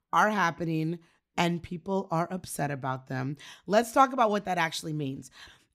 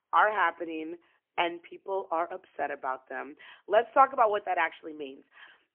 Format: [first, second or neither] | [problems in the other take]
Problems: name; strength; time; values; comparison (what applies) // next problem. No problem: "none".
first | phone-call audio; poor line; nothing above 3 kHz